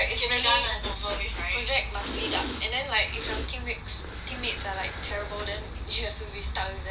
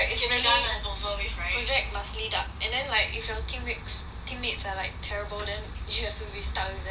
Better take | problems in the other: second | background sound (Breathing); 11 dB below the speech

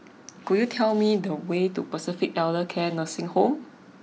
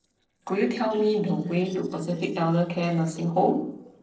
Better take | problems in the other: first | noise reduction (neural separator model SepFormer DNS4)

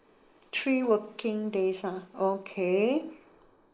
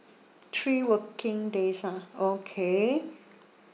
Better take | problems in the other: second | noise reduction (neural mask model Resemble Enhance denoiser)

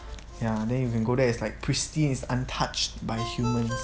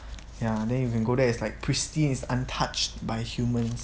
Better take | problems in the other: second | background sound (Ringtone); 15 dB below the speech

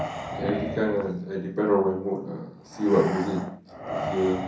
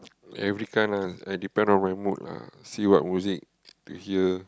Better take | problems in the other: second | background sound (Breathing); 8 dB below the speech // room echo; dies away in 0.6 s

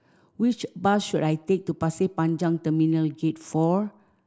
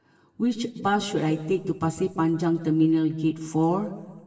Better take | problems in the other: first | room echo; dies away in 1.4 s

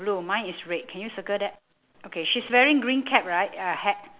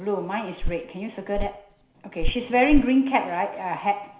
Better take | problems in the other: first | background sound (Walk, footsteps); 4 dB below the speech // room echo; dies away in 0.5 s

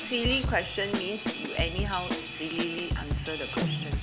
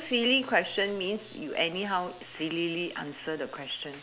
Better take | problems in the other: second | background sound (Drum / Drum kit); 1 dB above the speech

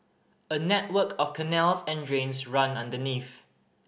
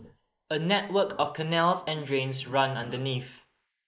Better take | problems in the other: first | noise reduction (neural mask model Resemble Enhance denoiser)

